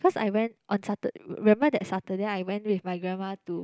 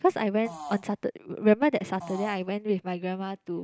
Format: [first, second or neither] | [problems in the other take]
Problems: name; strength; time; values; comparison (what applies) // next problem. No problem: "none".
first | background sound (Fart); 15 dB below the speech